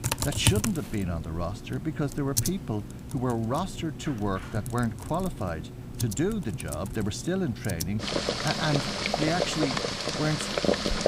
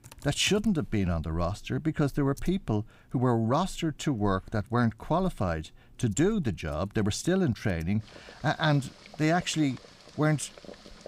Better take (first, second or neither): second